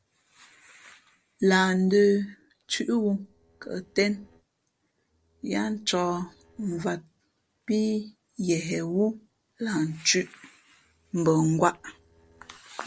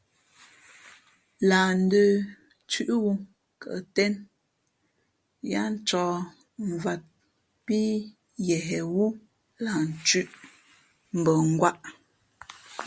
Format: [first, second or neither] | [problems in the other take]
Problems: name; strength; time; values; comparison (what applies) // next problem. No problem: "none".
second | noise reduction (neural separator model SepFormer DNS4)